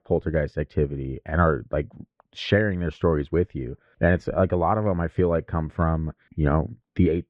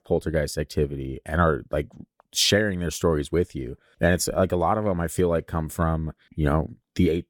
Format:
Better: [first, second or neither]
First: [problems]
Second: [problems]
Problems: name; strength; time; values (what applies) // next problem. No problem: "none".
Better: second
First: muffled; very; fading above 2.5 kHz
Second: none